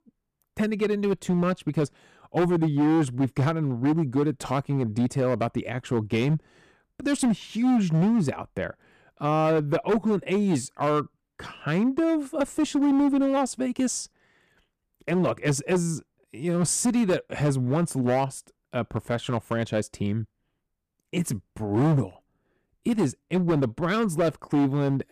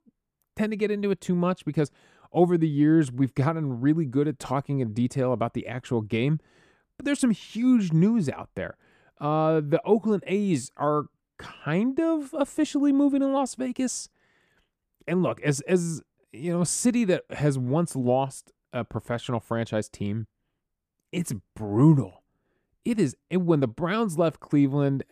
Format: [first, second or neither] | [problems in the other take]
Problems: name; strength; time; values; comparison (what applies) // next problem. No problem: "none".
second | distortion; slight; 9% of the sound clipped